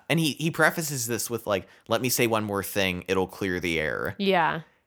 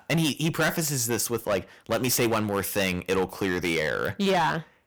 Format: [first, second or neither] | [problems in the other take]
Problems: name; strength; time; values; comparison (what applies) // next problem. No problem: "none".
first | distortion; heavy; 11% of the sound clipped